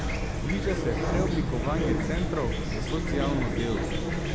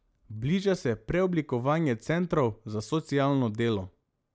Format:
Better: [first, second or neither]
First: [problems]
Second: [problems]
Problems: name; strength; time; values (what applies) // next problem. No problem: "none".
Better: second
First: background sound (Chirp, tweet / Fowl); 4 dB above the speech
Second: none